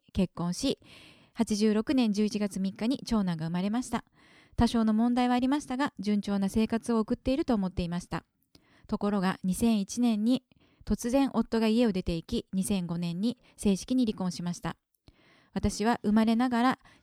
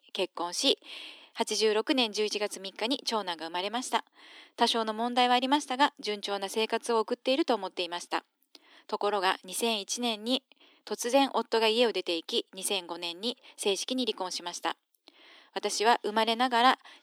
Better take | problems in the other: first | thin; very; fading below 300 Hz

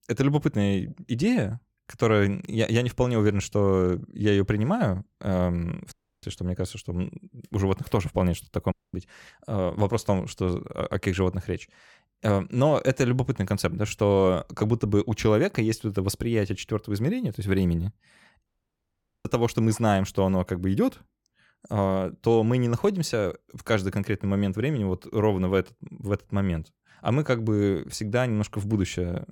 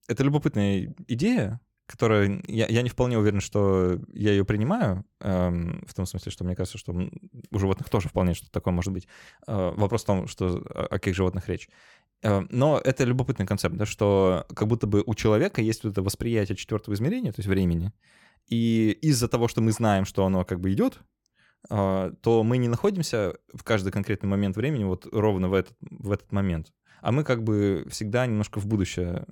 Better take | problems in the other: second | audio cutting out; at 6 s, at 8.5 s and at 18 s for 1 s

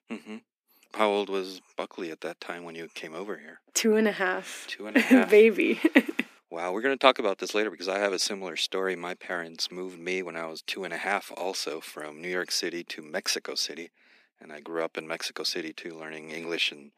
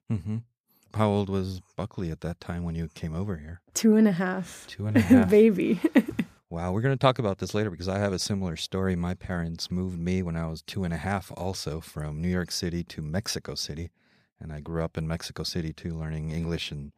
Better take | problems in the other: second | thin; somewhat; fading below 250 Hz

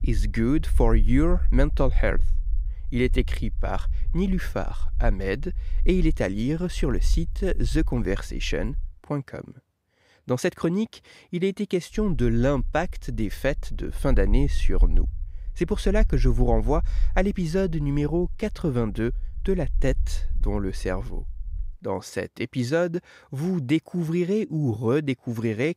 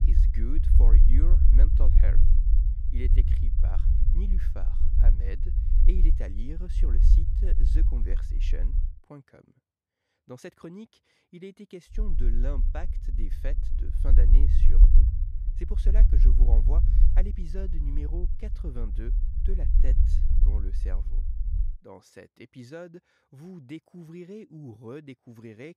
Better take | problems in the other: first | low rumble; loud; until 9 s and from 12 to 22 s; 2 dB below the speech; faint in the first

